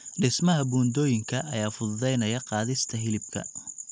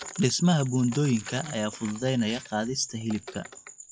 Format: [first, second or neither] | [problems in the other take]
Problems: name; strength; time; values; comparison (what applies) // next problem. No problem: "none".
first | noise reduction (classical method WPE with log-MMSE)